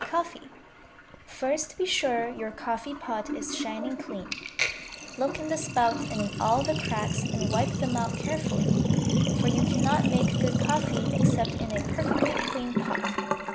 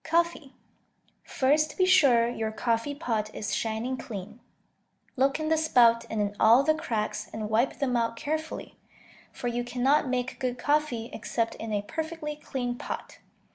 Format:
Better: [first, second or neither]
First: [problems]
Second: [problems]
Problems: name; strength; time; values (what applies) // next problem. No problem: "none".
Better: second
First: background sound (Sink (filling or washing)); 3 dB above the speech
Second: none